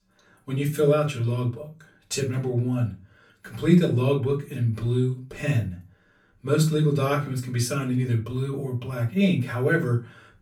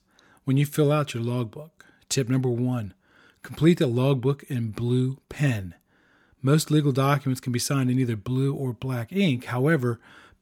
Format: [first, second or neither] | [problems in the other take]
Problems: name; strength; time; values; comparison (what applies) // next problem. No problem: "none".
second | off-mic speech; far // room echo; very slight; dies away in 0.3 s